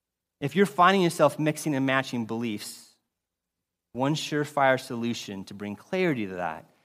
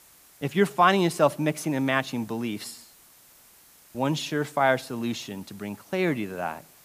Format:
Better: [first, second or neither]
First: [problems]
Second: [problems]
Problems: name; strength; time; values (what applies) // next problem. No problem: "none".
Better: first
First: none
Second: hiss; faint; throughout; 25 dB below the speech